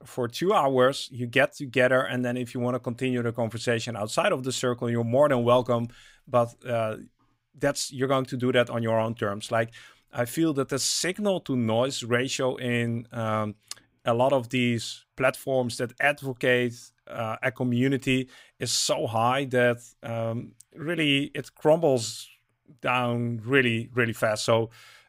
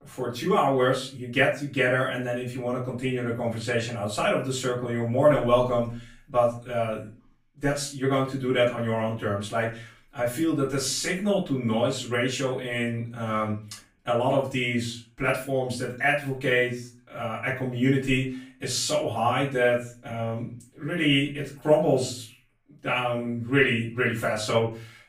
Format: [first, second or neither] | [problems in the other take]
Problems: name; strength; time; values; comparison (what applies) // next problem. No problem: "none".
first | room echo; slight; dies away in 0.3 s // off-mic speech; far